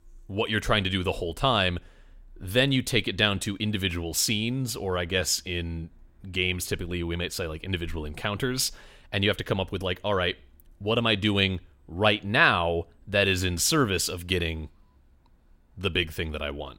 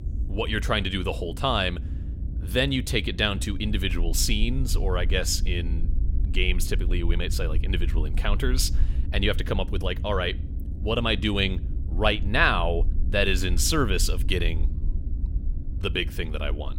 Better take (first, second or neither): first